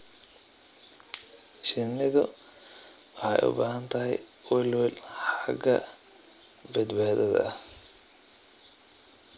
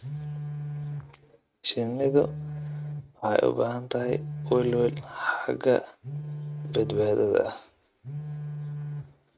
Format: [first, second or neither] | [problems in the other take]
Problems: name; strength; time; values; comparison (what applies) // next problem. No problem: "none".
first | noise reduction (neural mask model RNNoise)